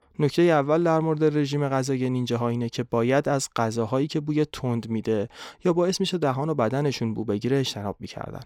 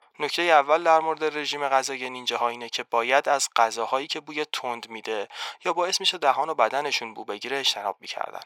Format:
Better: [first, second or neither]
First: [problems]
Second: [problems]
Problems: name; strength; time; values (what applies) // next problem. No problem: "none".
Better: first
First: none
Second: thin; very; fading below 850 Hz